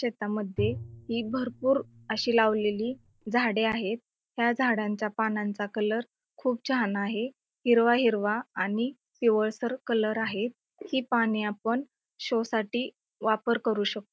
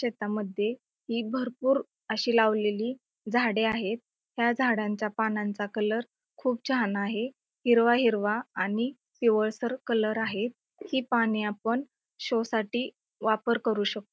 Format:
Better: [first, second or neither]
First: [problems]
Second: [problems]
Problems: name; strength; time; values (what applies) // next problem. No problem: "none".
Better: second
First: background sound (Bowed string instrument); 13 dB below the speech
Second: none